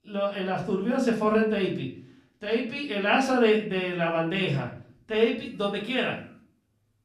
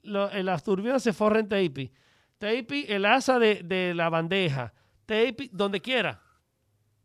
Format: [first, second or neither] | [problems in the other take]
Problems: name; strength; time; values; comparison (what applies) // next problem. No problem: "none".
second | room echo; slight; dies away in 0.4 s // off-mic speech; far